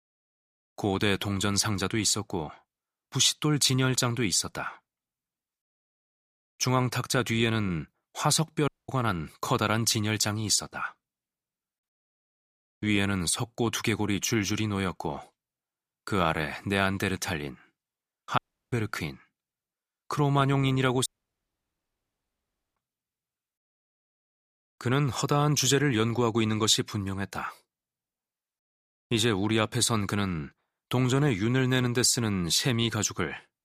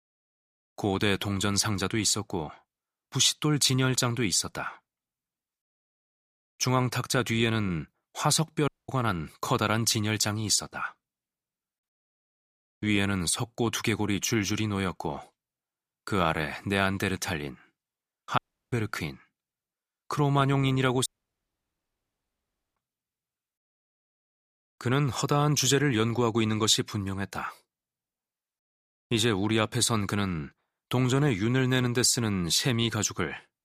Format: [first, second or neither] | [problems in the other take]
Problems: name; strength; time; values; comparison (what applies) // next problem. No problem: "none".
neither | audio cutting out; at 8.5 s, at 18 s and at 21 s for 1.5 s; the same in both